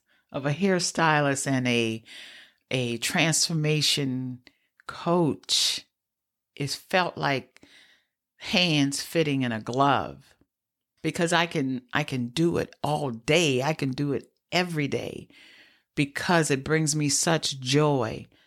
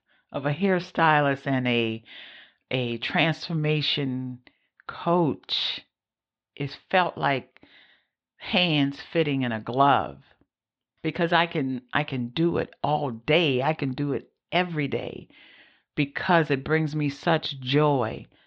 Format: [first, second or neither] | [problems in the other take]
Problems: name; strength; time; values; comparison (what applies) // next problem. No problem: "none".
first | muffled; slightly; fading above 3.5 kHz